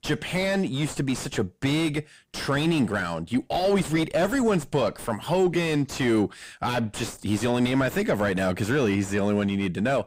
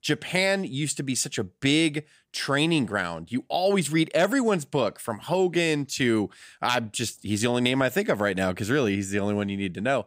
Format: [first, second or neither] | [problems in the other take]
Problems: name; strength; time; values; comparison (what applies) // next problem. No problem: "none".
second | distortion; heavy; 6 dB below the speech